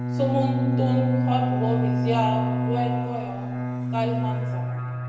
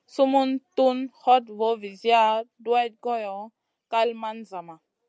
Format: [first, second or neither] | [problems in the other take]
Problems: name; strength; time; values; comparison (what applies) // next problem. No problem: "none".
second | background sound (Bowed string instrument); 4 dB above the speech // room echo; dies away in 1 s